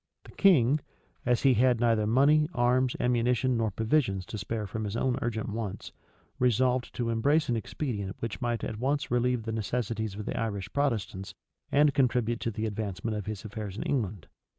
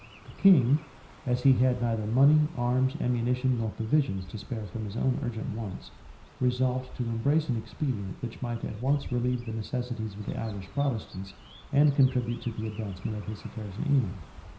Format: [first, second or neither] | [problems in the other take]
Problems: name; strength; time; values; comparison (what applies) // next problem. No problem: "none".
first | background sound (Chirp, tweet); 20 dB below the speech // room echo; dies away in 0.5 s